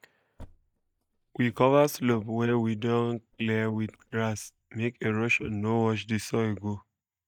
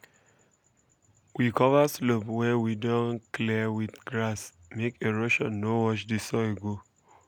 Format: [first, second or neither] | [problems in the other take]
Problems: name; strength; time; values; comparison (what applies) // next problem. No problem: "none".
second | noise reduction (neural mask model DeepFilterNet 3)